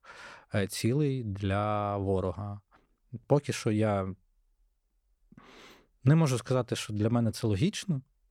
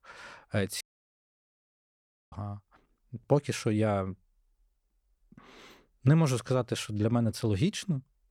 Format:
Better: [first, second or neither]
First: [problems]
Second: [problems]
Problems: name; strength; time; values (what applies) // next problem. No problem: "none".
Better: first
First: none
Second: audio cutting out; at 1 s for 1.5 s